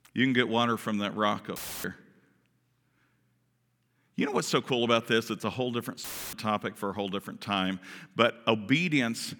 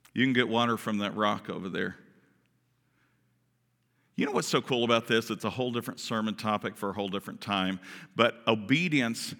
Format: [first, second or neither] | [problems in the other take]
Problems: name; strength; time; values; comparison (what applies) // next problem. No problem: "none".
second | audio cutting out; filled with static; at 1.5 s and at 6 s